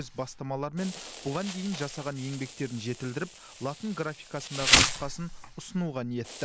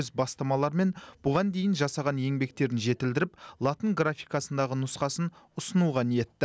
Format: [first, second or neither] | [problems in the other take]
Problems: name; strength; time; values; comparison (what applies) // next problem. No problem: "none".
second | background sound (Insect); 2 dB above the speech